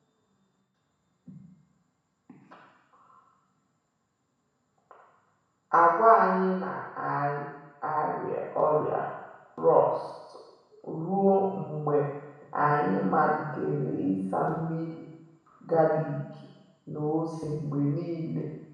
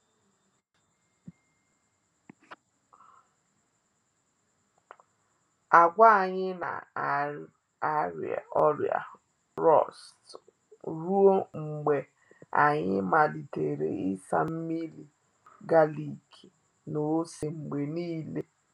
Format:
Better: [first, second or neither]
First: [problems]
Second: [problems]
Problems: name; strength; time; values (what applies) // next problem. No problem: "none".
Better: second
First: room echo; dies away in 1.1 s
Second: none